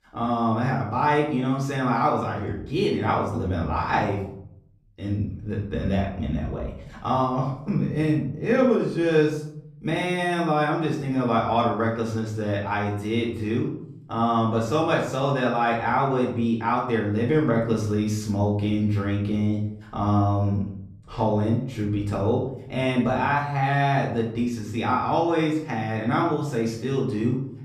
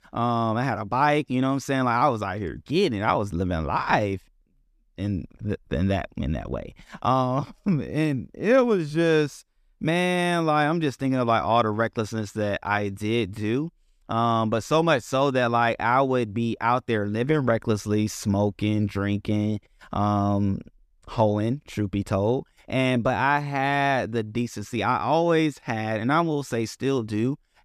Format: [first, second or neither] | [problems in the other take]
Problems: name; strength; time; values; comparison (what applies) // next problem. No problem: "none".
second | room echo; noticeable; dies away in 0.6 s // off-mic speech; far